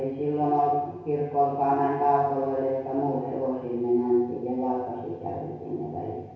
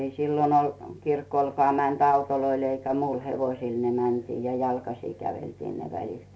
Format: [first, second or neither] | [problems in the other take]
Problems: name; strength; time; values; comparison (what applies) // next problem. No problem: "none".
second | room echo; dies away in 1.1 s